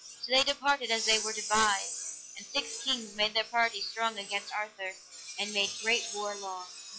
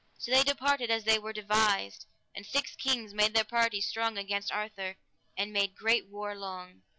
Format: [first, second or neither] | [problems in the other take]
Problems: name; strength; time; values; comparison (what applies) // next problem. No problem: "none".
second | noise reduction (classical method log-MMSE)